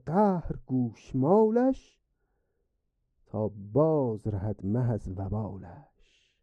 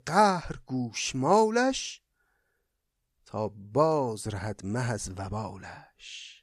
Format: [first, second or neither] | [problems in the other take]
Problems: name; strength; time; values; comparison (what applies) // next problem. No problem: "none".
second | muffled; very; fading above 1 kHz